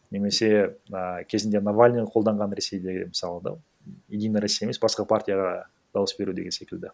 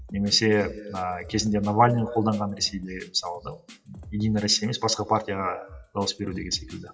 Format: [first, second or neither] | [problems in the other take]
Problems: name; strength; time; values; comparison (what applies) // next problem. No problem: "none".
first | noise reduction (classical method WPE with log-MMSE)